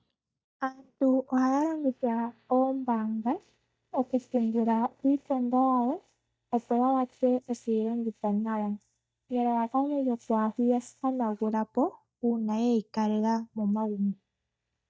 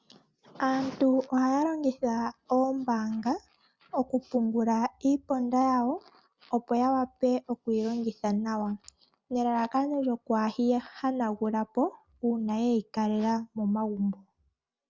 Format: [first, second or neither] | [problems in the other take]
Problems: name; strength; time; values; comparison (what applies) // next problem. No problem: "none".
second | noise reduction (neural mask model DeepFilterNet 3)